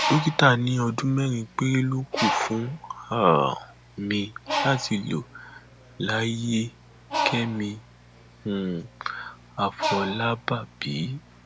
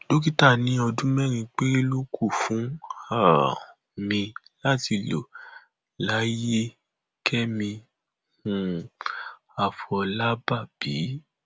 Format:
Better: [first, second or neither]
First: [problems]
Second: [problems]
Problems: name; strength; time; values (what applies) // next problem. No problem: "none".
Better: second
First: background sound (Bird); 8 dB below the speech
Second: none